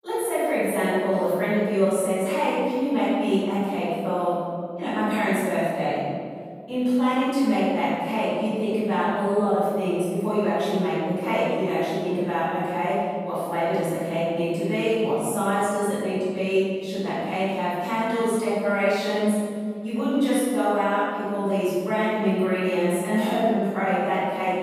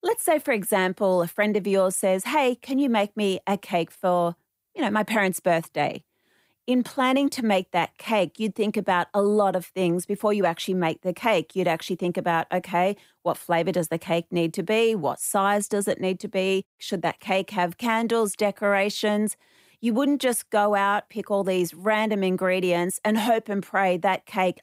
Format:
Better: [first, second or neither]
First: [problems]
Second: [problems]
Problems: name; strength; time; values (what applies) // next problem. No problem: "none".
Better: second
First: off-mic speech; far // room echo; strong; dies away in 2.2 s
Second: none